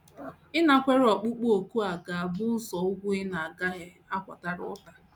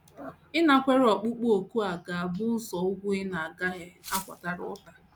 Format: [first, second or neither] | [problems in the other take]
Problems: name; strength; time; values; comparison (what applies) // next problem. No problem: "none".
first | background sound (Glass); 15 dB below the speech